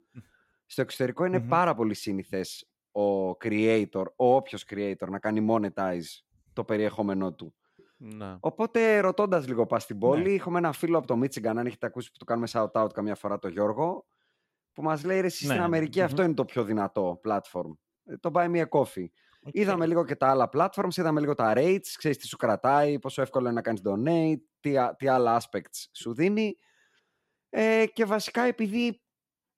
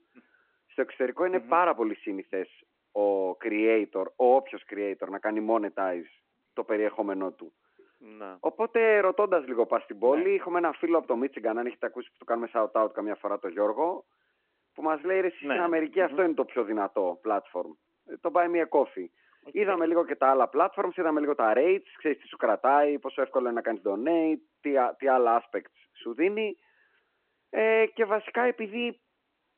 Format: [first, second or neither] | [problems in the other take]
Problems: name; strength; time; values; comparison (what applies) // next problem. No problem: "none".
first | phone-call audio